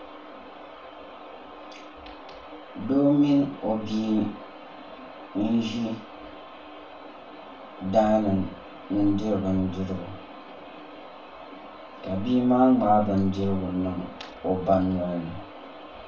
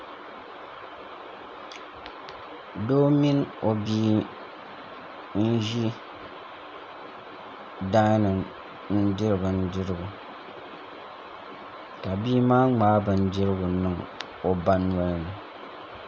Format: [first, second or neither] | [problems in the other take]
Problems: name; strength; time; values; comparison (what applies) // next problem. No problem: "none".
second | room echo; dies away in 0.3 s